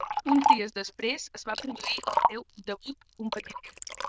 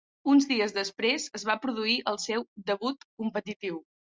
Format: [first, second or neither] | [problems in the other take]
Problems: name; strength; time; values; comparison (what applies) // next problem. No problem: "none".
second | noise reduction (neural diffusion model UNIVERSE++)